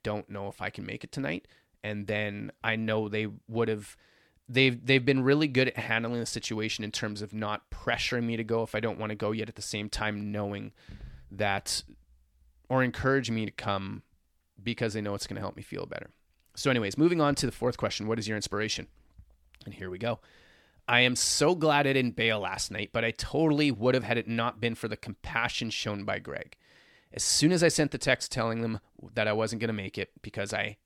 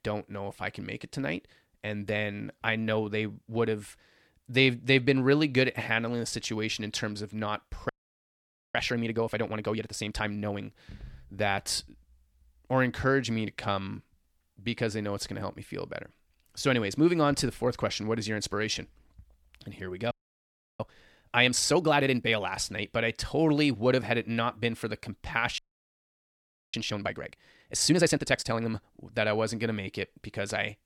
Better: first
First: none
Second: audio freezing; at 8 s for 1 s, at 20 s for 0.5 s and at 26 s for 1 s

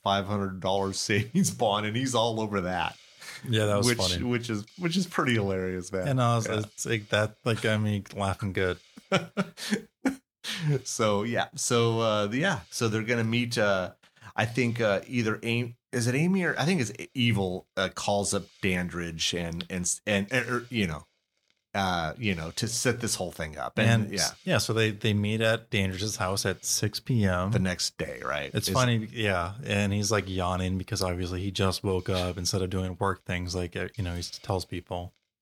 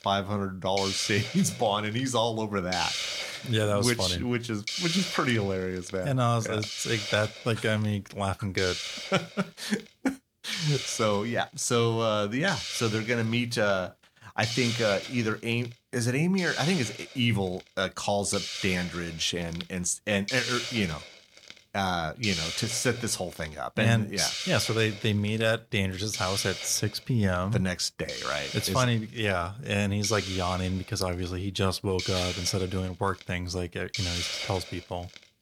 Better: first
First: hiss; faint; throughout; 30 dB below the speech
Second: hiss; loud; throughout; 6 dB below the speech

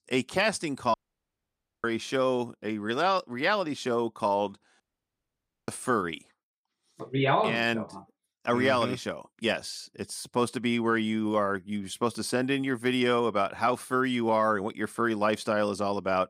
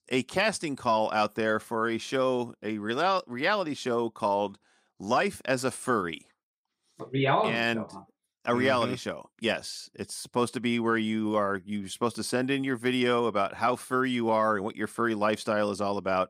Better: second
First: audio cutting out; at 1 s for 1 s and at 5 s for 1 s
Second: none

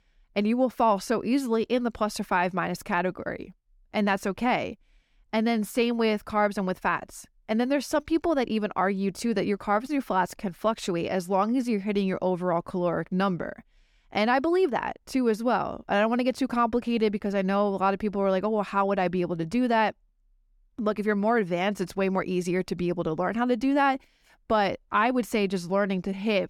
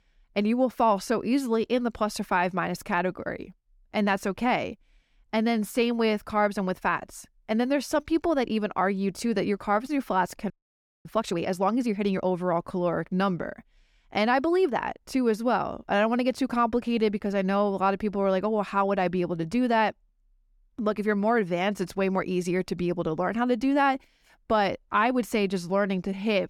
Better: first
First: none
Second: audio freezing; at 11 s for 0.5 s

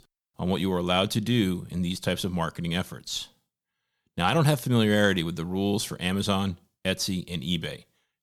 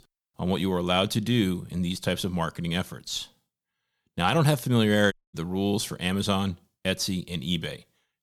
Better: first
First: none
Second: audio cutting out; at 5 s

